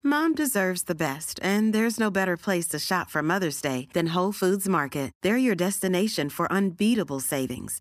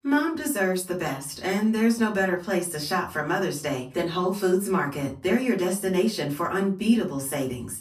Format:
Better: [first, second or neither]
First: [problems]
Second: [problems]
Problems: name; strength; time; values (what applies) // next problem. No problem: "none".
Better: first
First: none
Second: off-mic speech; far // room echo; very slight; dies away in 0.3 s